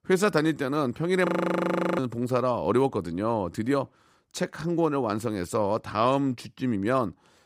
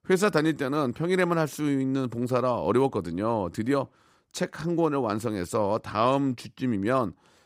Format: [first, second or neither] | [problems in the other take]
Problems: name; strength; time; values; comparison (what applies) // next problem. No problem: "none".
second | audio freezing; at 1.5 s for 0.5 s